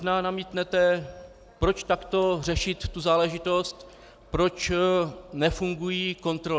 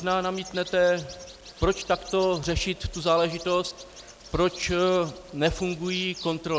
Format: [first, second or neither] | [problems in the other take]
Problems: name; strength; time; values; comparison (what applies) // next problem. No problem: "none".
first | background sound (Bird vocalization, bird call, bird song); 18 dB below the speech